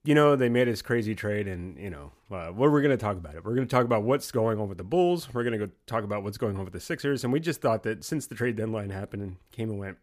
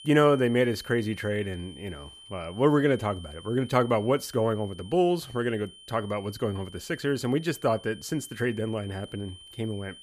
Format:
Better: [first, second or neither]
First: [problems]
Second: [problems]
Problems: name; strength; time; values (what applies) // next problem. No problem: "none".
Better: first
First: none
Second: high-pitched whine; noticeable; throughout; 3 kHz, 20 dB below the speech